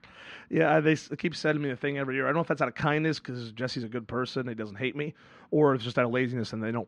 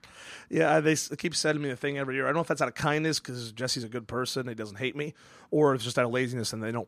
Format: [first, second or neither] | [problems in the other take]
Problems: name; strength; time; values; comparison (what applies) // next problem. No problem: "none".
second | muffled; slightly; fading above 3 kHz